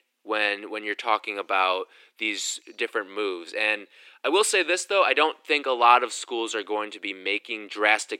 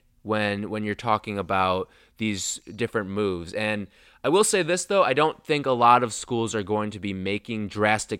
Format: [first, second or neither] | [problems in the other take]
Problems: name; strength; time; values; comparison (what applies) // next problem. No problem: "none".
second | thin; very; fading below 300 Hz